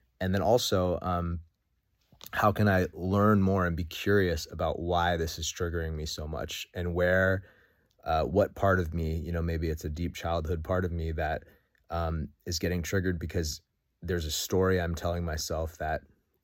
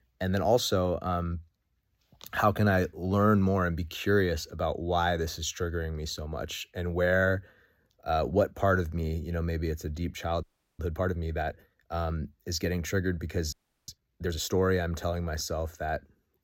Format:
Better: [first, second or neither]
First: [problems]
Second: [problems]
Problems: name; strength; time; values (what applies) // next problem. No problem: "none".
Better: first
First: none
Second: audio freezing; at 10 s and at 14 s